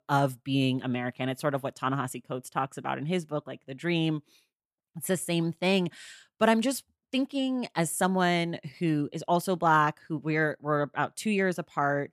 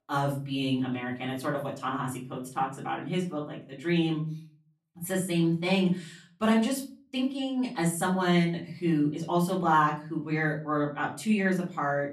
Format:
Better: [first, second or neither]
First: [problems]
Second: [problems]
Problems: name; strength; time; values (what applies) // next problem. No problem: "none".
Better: first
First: none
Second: off-mic speech; far // room echo; very slight; dies away in 0.4 s